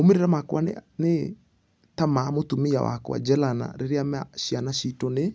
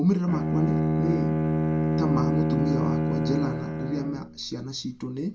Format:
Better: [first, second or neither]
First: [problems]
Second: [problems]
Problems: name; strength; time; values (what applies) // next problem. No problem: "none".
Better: first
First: none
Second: background sound (Bowed string instrument); 3 dB above the speech // room echo; dies away in 0.2 s